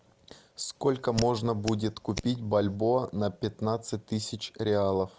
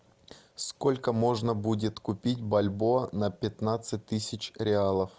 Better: second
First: background sound (Hands); 13 dB below the speech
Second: none

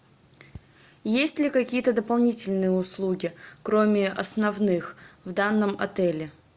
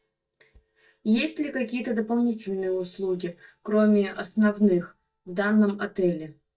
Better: first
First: none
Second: noise reduction (neural mask model DeepFilterNet 3)

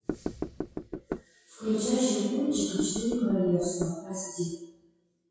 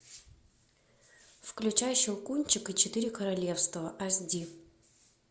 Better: second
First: noise reduction (classical method WPE with log-MMSE)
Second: none

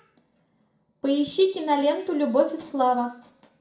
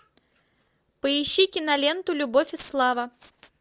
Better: second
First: room echo; dies away in 0.5 s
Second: none

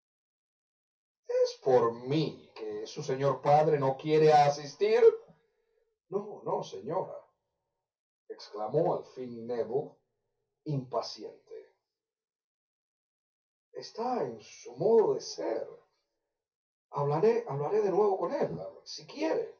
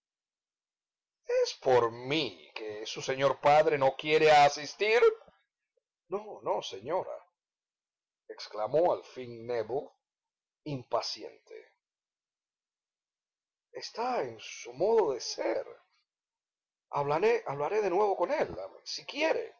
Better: second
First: room echo; dies away in 0.3 s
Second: none

